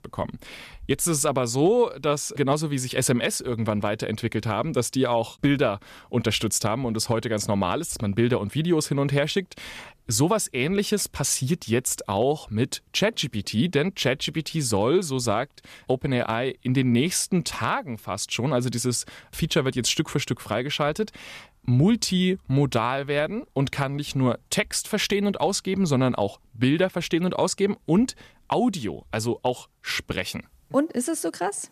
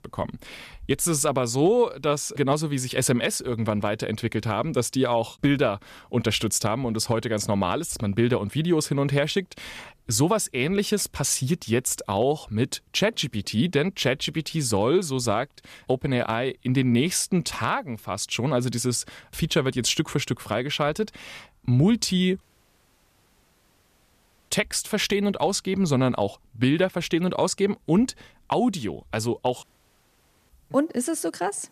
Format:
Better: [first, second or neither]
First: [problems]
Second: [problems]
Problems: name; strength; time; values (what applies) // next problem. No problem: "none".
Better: first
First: none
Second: audio cutting out; at 22 s for 2 s and at 30 s for 1 s